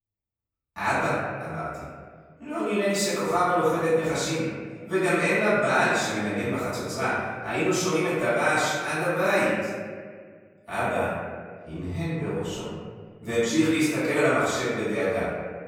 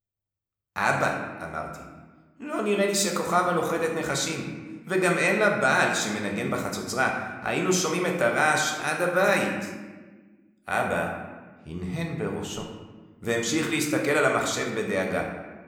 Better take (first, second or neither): second